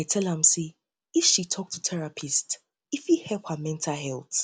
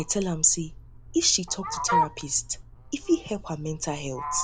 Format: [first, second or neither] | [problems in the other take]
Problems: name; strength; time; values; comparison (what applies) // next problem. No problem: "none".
first | background sound (Fowl); 5 dB below the speech